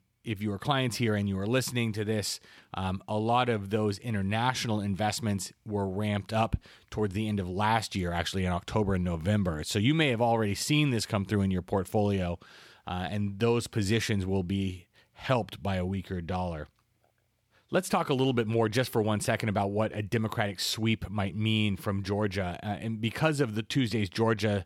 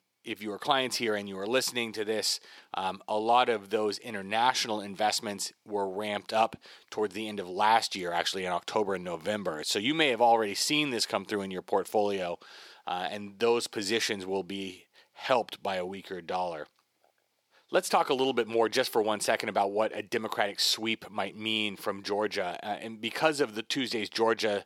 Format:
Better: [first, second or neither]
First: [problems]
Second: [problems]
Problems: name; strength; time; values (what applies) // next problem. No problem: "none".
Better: first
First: none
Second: thin; somewhat; fading below 400 Hz